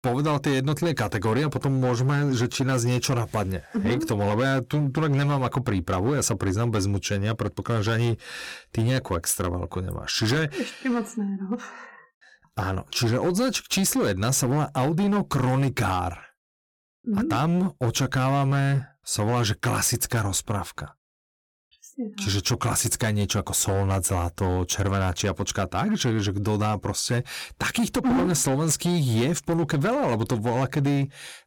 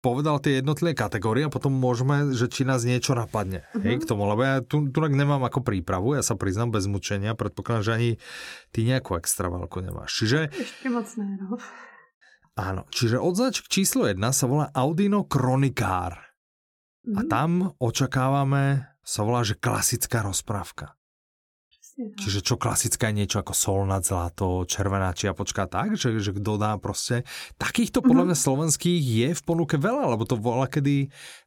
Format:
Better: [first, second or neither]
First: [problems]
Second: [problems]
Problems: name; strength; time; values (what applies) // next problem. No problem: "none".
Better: second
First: distortion; slight; 13% of the sound clipped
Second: none